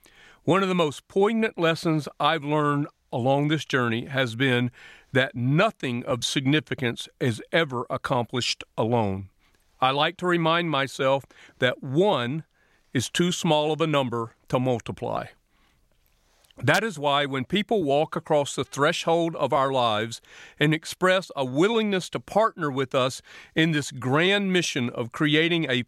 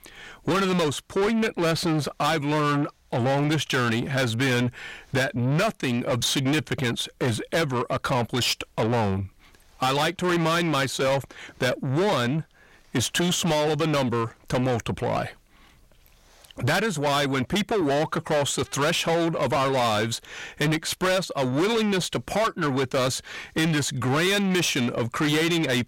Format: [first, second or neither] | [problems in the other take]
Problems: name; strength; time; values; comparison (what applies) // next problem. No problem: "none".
first | distortion; heavy; 6 dB below the speech